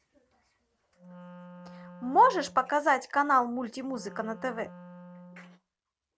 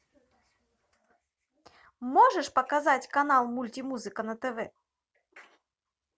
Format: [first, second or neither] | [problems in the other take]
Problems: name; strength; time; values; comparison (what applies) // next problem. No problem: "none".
second | background sound (Wind instrument, woodwind instrument); 19 dB below the speech